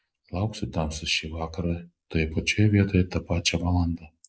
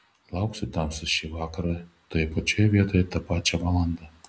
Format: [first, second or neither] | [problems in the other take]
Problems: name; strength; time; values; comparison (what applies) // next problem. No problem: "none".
second | noise reduction (neural mask model Resemble Enhance denoiser)